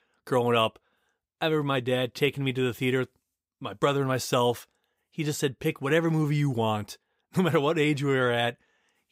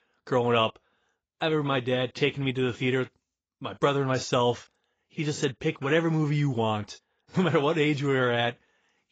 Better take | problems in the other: first | garbled, watery; badly; nothing above 7.5 kHz

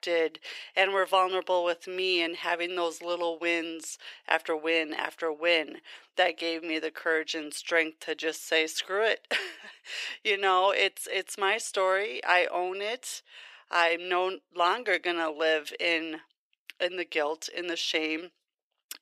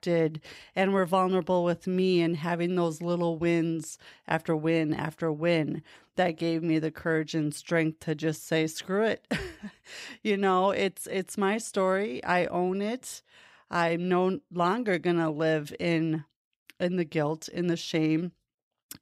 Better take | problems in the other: second | thin; very; fading below 400 Hz

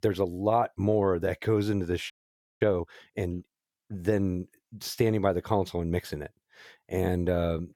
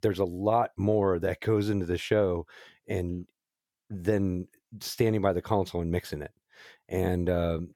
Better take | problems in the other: second | audio freezing; at 2 s for 0.5 s

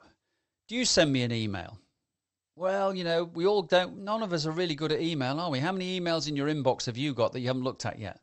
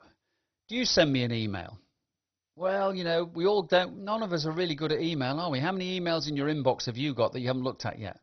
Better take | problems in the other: first | garbled, watery; badly; nothing above 6 kHz; slightly in the first

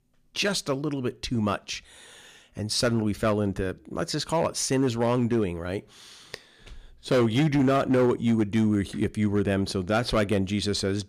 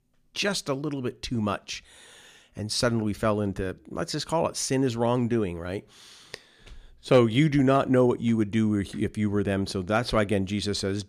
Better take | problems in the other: second | distortion; slight; 4% of the sound clipped

